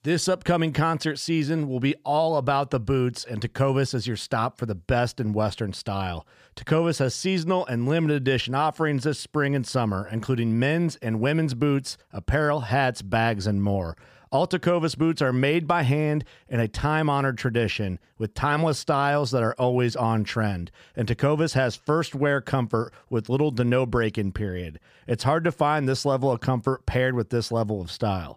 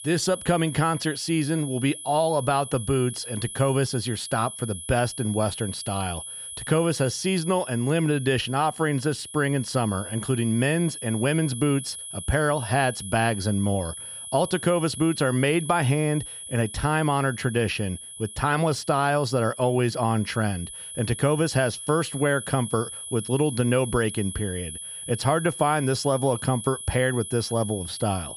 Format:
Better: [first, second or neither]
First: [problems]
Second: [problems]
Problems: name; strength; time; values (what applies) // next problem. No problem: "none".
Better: first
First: none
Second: high-pitched whine; loud; throughout; 10.5 kHz, 10 dB below the speech